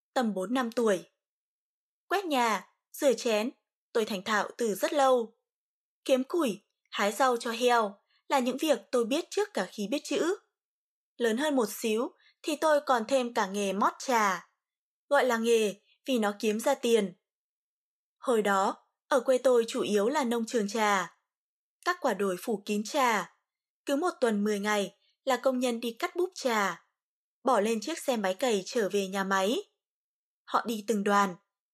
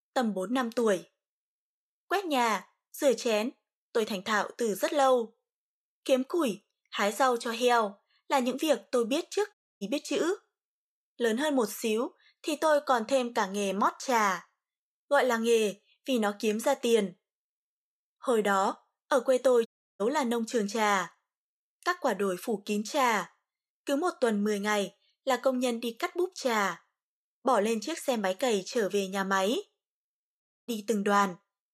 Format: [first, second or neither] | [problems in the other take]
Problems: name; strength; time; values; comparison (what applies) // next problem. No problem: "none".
first | audio cutting out; at 9.5 s, at 20 s and at 30 s